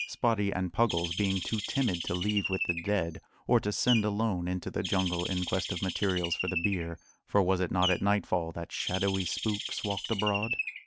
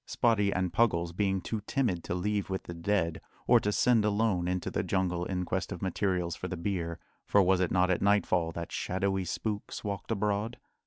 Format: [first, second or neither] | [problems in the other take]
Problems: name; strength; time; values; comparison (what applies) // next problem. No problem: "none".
second | background sound (Bird); 7 dB below the speech